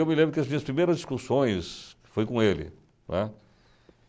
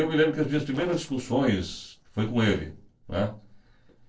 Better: first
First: none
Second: noise reduction (neural separator model SepFormer DNS4)

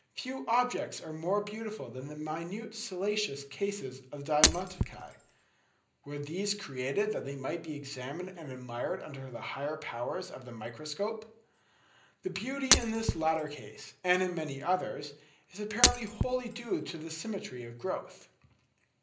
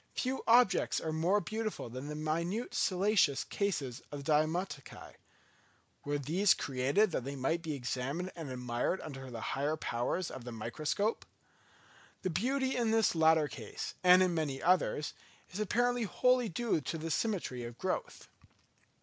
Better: second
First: background sound (Shatter); 4 dB above the speech // room echo; dies away in 0.5 s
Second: none

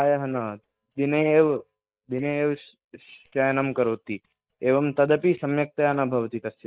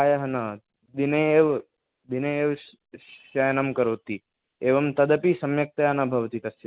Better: second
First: noise reduction (neural mask model DeepFilterNet 3)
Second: none

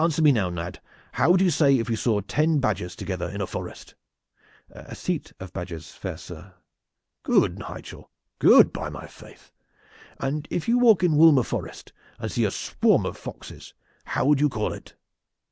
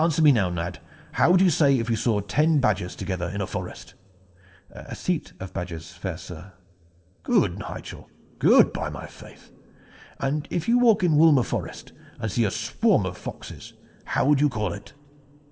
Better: first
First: none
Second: room echo; dies away in 0.8 s

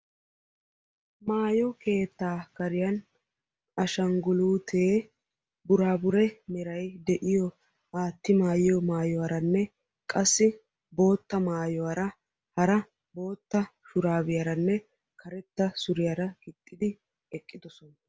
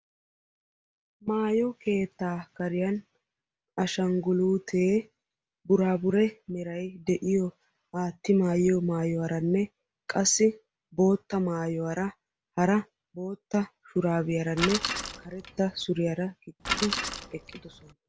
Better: first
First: none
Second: background sound (Bicycle); 6 dB below the speech

